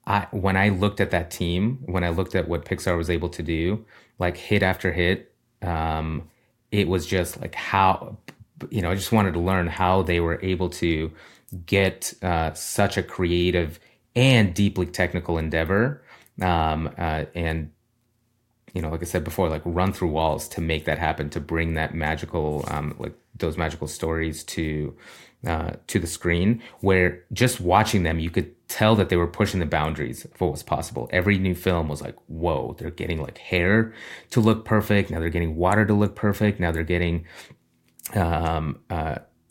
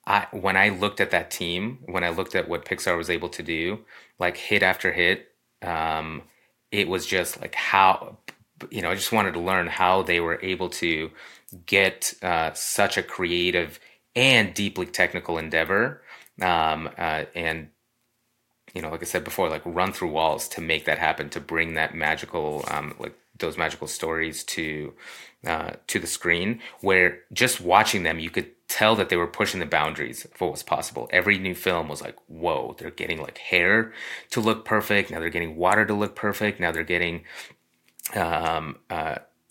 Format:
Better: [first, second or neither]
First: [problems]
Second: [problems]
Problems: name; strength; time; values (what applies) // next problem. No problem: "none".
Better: first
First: none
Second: thin; somewhat; fading below 650 Hz